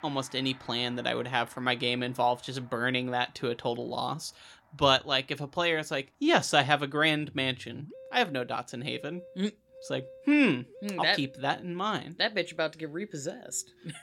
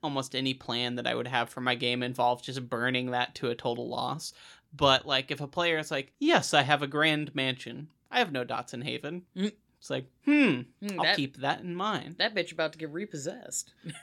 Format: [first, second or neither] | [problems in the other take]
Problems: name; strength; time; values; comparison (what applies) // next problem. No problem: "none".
second | background music; faint; throughout; 25 dB below the speech